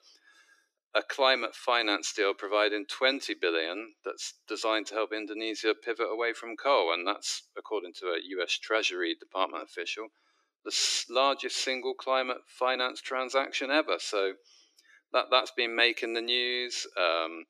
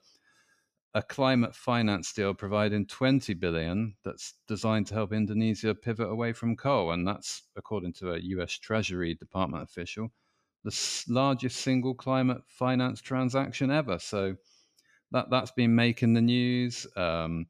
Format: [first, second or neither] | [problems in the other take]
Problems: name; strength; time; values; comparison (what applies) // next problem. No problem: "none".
second | thin; very; fading below 300 Hz